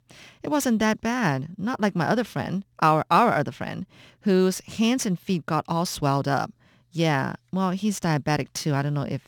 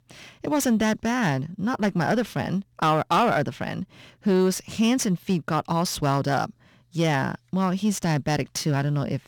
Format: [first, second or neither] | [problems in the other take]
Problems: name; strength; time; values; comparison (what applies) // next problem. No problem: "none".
first | distortion; slight; 10 dB below the speech